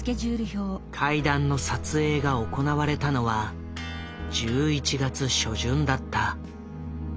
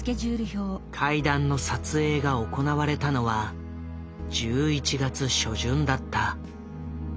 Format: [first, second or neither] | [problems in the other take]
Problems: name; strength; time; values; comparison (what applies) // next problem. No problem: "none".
second | background sound (Electric guitar + Walk, footsteps); 18 dB below the speech